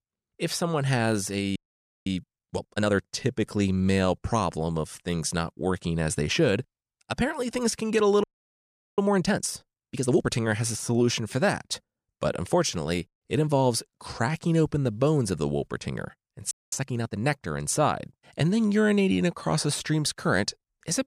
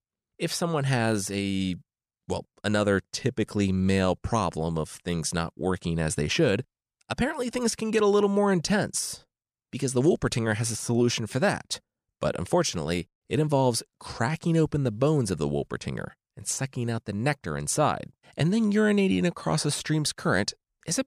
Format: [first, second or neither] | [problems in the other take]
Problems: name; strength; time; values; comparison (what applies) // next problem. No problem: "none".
second | audio freezing; at 1.5 s for 0.5 s, at 8 s for 0.5 s and at 17 s